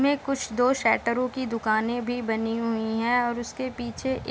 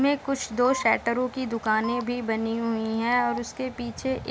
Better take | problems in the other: first | background sound (Telephone); 13 dB below the speech

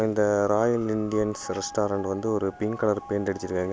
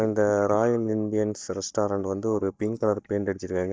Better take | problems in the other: first | noise reduction (neural mask model DeepFilterNet 3)

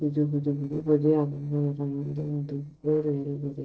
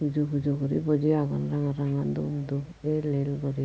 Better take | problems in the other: second | noise reduction (neural separator model SepFormer DNS4)

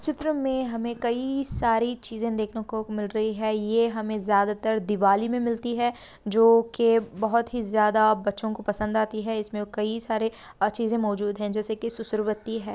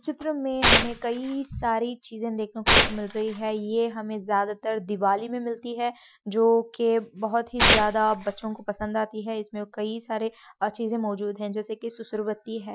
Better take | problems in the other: first | noise reduction (classical method Wiener filter)

